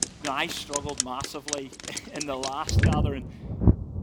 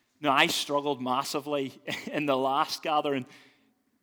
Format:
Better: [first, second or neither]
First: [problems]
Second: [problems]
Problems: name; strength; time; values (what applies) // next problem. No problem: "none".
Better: second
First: rain or running water; very loud; throughout; 5 dB above the speech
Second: none